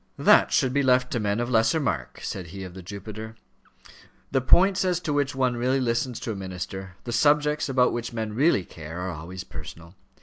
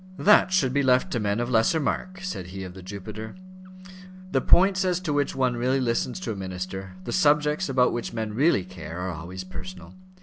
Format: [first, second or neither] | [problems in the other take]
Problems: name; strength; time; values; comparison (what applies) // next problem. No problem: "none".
first | background sound (Organ); 16 dB below the speech